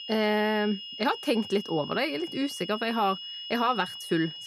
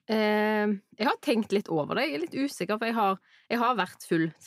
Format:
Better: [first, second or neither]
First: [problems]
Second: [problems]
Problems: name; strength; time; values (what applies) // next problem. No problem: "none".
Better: second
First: high-pitched whine; loud; throughout; 3 kHz, 9 dB below the speech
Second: none